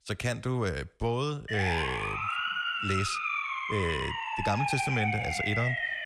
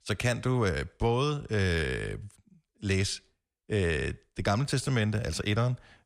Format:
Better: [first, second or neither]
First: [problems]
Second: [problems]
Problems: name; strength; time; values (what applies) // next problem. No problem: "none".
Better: second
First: siren; loud; from 1.5 s on; peak 3 dB above the speech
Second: none